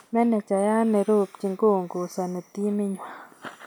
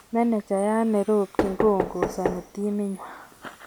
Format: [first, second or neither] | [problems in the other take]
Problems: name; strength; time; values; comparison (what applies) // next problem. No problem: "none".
first | background sound (Knock); 7 dB below the speech